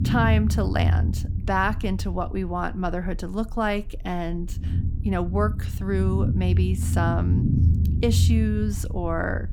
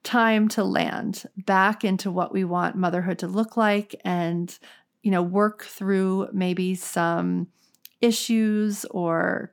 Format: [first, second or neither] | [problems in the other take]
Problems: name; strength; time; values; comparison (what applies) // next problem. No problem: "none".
second | low rumble; loud; throughout; 10 dB below the speech